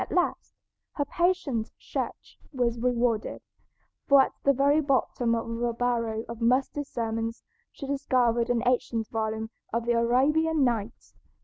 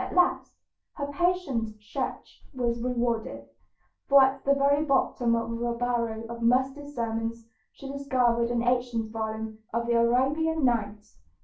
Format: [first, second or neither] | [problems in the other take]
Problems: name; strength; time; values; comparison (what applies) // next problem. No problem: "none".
first | room echo; dies away in 0.3 s